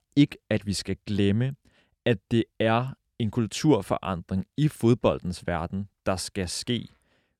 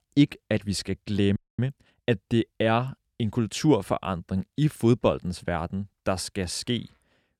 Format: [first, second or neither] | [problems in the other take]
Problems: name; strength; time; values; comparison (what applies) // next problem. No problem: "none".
first | audio freezing; at 1.5 s